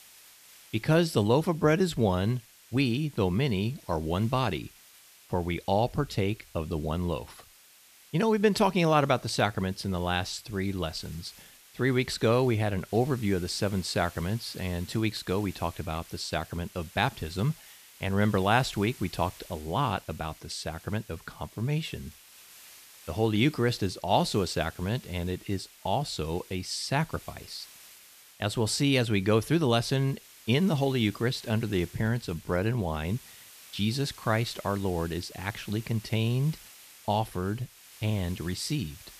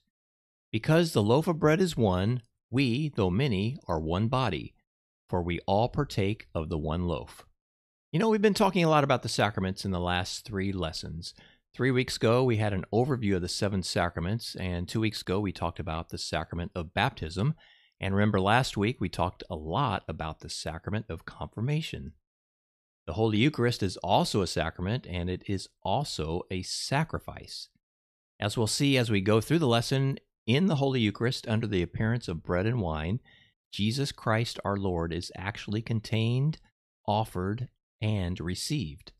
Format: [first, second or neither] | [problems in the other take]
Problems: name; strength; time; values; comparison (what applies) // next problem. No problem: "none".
second | hiss; faint; throughout; 20 dB below the speech